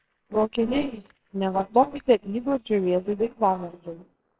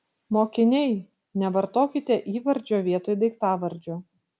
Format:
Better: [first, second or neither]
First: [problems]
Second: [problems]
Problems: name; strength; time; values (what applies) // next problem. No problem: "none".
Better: second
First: noise reduction (neural separator model SepFormer WHAMR!)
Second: none